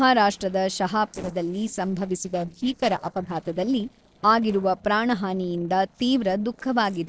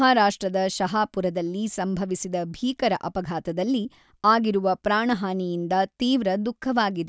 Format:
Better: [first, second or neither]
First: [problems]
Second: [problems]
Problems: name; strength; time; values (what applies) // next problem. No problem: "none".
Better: second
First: noise reduction (neural separator model SepFormer DNS4)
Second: none